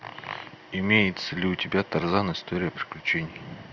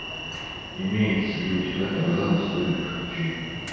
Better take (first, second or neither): first